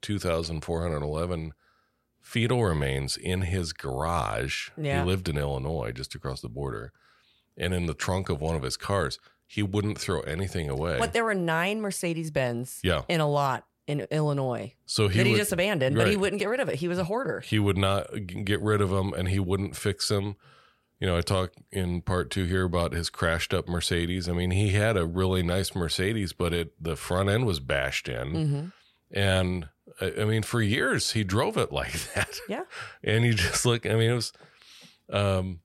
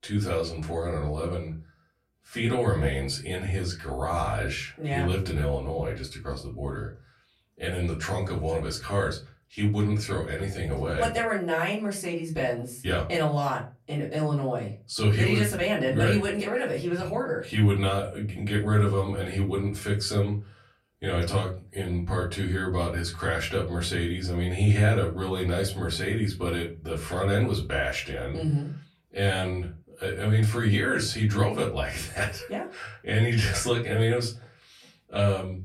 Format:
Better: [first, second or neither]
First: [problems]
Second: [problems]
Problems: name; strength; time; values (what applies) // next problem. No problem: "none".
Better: first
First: none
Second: off-mic speech; far // room echo; very slight; dies away in 0.3 s